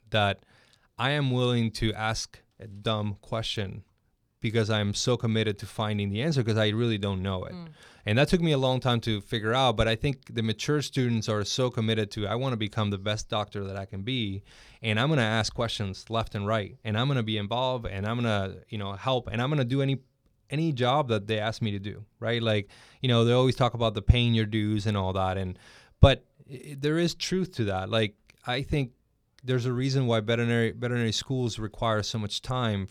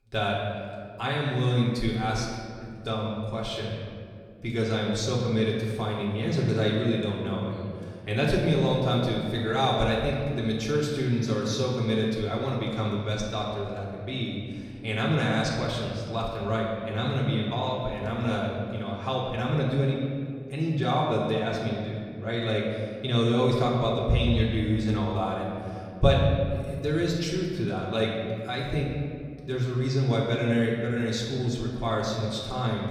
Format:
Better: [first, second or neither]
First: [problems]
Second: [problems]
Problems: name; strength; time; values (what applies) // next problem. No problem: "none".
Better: first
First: none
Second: room echo; noticeable; dies away in 2 s // off-mic speech; far